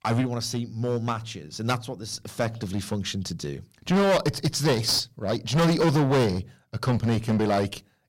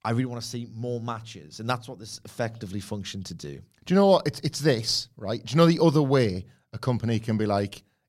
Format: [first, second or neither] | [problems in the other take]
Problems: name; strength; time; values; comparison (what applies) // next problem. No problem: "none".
second | distortion; heavy; 11% of the sound clipped